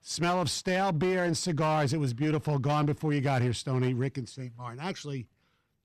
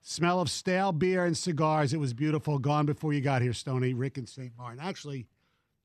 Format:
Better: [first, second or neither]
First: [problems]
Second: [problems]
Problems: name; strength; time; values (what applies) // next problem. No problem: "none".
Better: second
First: distortion; slight; 14% of the sound clipped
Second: none